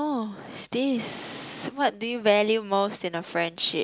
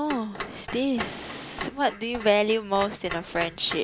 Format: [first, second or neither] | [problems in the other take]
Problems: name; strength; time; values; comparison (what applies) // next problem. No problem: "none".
first | background sound (Clock); 12 dB below the speech